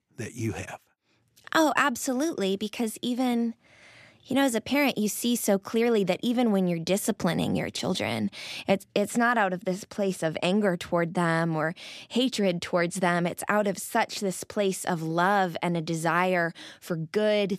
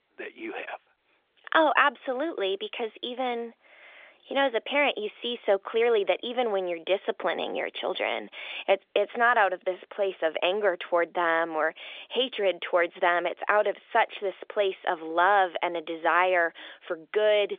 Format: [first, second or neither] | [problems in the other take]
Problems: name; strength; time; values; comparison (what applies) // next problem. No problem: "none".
first | phone-call audio; nothing above 3.5 kHz